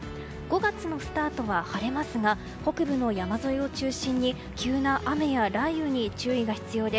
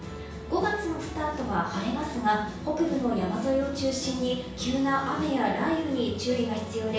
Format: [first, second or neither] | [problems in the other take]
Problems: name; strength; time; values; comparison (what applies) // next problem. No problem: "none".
first | room echo; dies away in 0.7 s